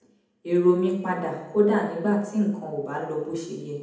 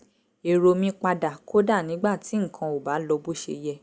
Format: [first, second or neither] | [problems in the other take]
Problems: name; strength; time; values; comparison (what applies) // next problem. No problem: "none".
second | room echo; dies away in 0.8 s